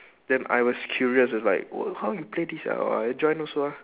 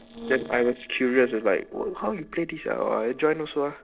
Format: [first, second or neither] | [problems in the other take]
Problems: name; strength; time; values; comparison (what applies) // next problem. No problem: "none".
first | noise reduction (neural separator model SepFormer DNS4)